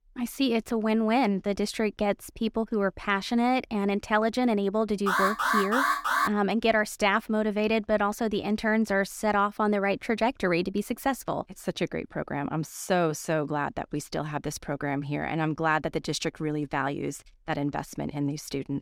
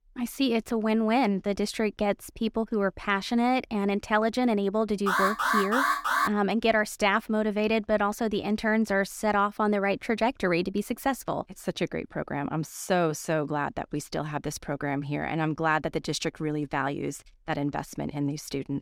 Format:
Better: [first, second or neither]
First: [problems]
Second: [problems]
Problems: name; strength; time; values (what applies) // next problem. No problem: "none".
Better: neither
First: alarm; loud; from 5 to 6.5 s; peak 3 dB above the speech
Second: alarm; loud; from 5 to 6.5 s; peak 3 dB above the speech